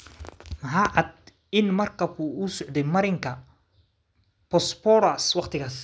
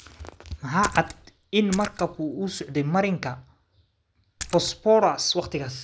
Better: first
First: none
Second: background sound (Splash, splatter); 14 dB below the speech

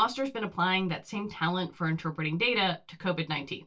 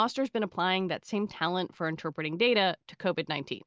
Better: second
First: room echo; dies away in 0.1 s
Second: none

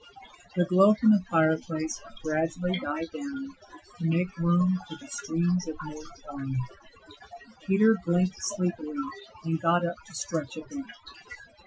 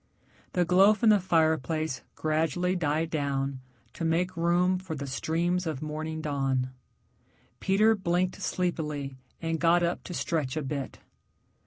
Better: second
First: noise reduction (classical method Wiener filter)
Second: none

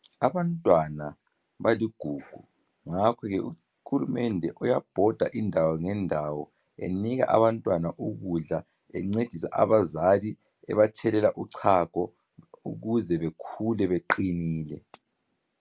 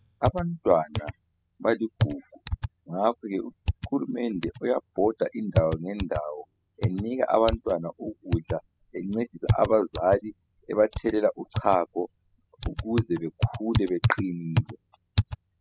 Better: first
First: none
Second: noise reduction (classical method spectral subtraction)

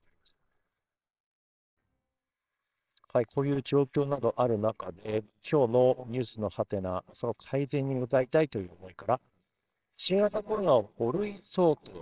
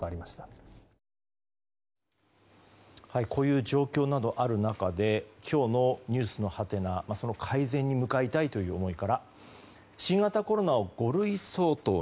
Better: second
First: noise reduction (neural separator model SepFormer WHAMR!)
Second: none

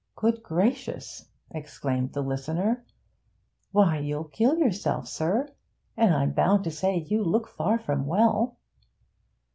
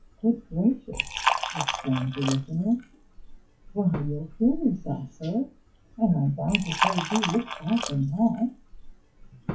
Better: first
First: none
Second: noise reduction (classical method WPE with log-MMSE)

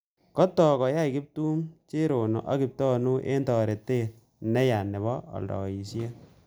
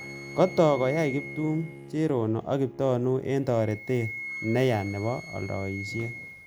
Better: first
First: none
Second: background sound (Wind instrument, woodwind instrument + Bowed string instrument); 13 dB below the speech

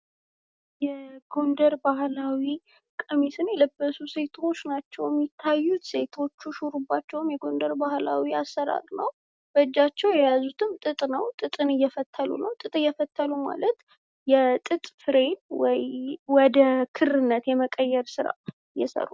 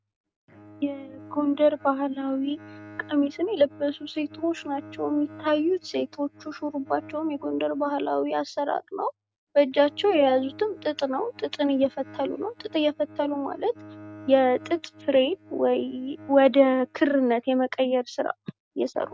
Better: first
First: none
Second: noise reduction (neural mask model RNNoise)

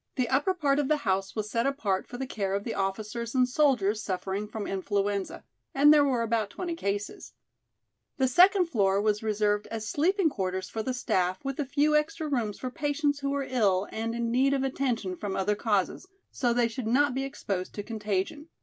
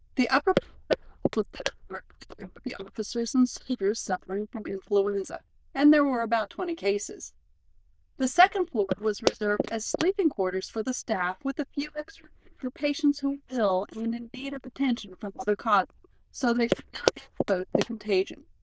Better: first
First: none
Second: noise reduction (neural diffusion model UNIVERSE++)

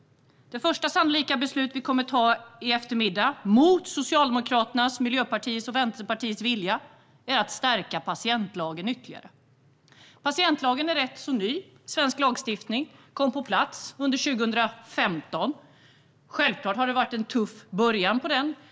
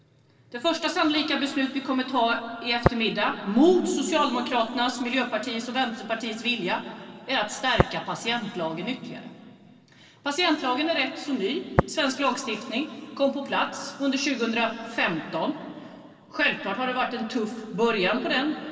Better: first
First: none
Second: background sound (Tap); 7 dB below the speech // room echo; dies away in 2.6 s

